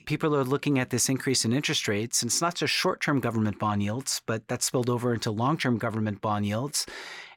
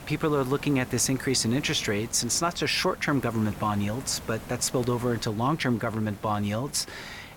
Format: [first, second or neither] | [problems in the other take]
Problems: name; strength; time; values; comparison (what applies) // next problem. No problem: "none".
first | hiss; noticeable; throughout; 15 dB below the speech